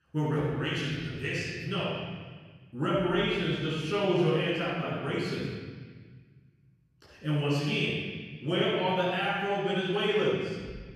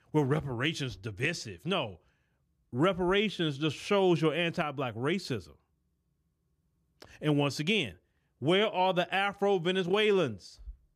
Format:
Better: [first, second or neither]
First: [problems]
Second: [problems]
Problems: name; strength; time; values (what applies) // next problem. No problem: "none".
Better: second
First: off-mic speech; far // room echo; strong; dies away in 1.7 s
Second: none